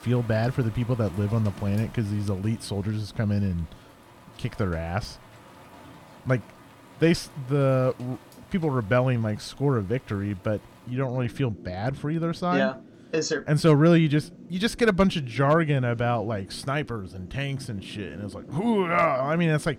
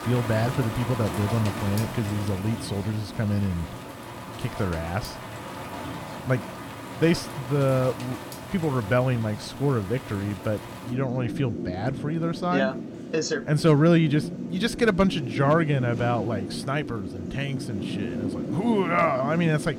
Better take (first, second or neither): first